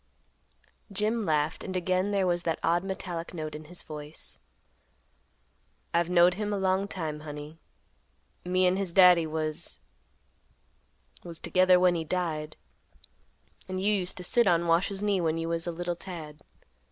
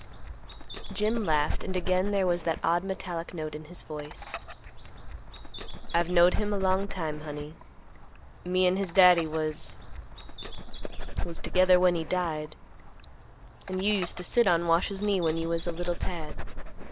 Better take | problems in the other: first | background sound (Dog); 3 dB below the speech

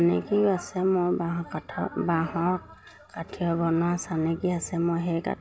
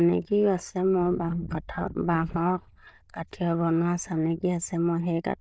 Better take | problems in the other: first | noise reduction (neural diffusion model UNIVERSE++)

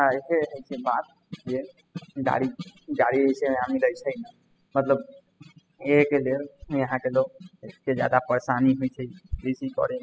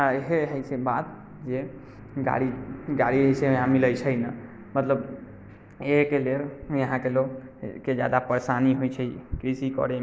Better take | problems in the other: second | noise reduction (classical method spectral subtraction)

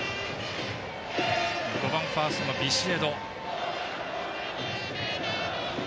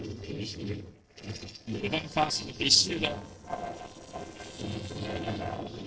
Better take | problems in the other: first | noise reduction (neural separator model SepFormer DNS4)

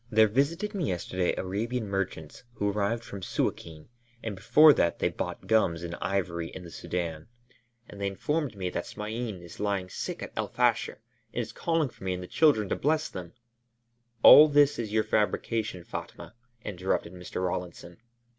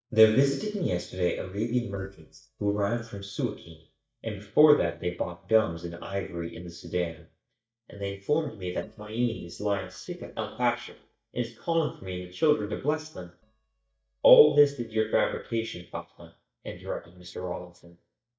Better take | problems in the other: first | noise reduction (neural mask model DeepFilterNet 3)

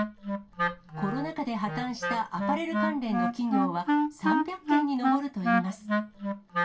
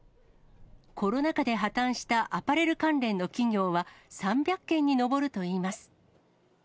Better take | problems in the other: second | background sound (Wind instrument, woodwind instrument); 3 dB above the speech // room echo; dies away in 0.2 s

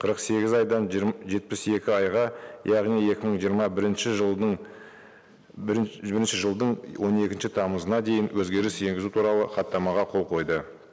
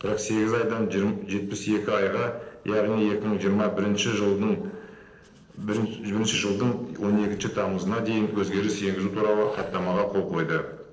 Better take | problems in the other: first | noise reduction (neural separator model SepFormer DNS4)

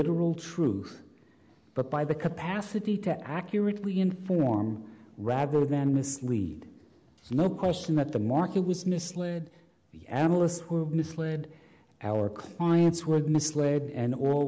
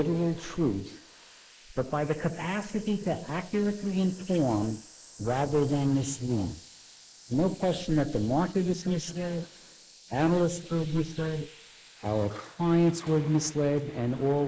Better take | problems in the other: first | noise reduction (neural mask model Resemble Enhance denoiser)

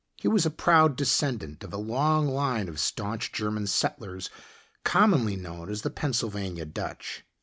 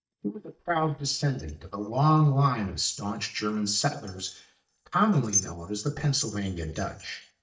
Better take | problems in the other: first | noise reduction (neural mask model DeepFilterNet 3)

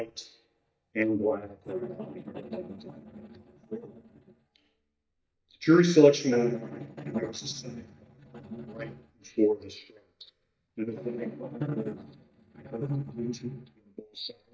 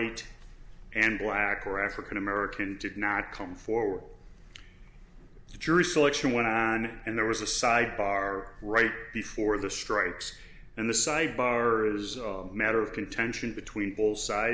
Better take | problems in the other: second | noise reduction (neural mask model DeepFilterNet 3)

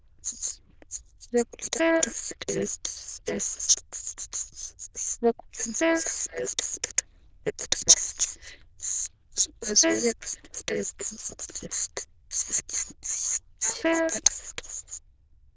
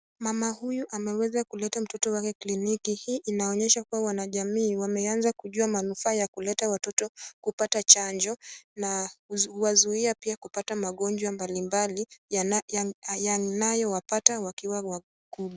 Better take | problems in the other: second | noise reduction (neural diffusion model UNIVERSE++)

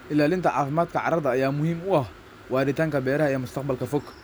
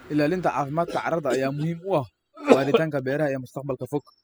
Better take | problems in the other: first | noise reduction (classical method spectral subtraction)

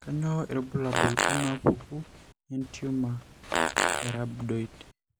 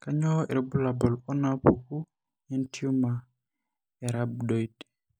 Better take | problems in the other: second | background sound (Fart); 1 dB below the speech

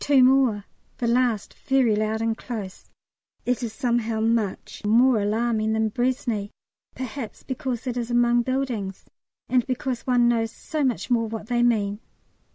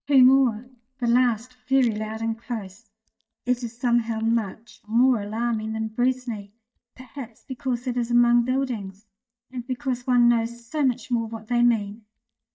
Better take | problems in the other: first | noise reduction (neural mask model DeepFilterNet 3)

